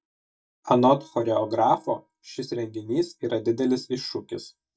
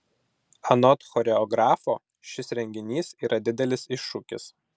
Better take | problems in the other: second | noise reduction (neural mask model DeepFilterNet 3)

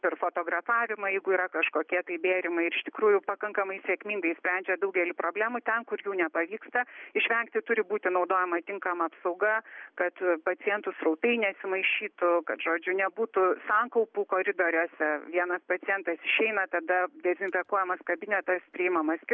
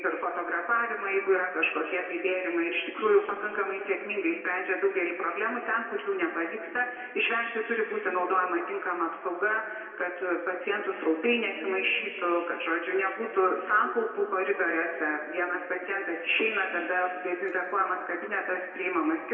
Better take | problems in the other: first | room echo; dies away in 2.1 s

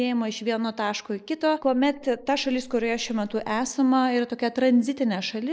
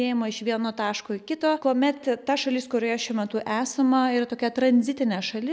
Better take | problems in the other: second | noise reduction (neural mask model Resemble Enhance denoiser)

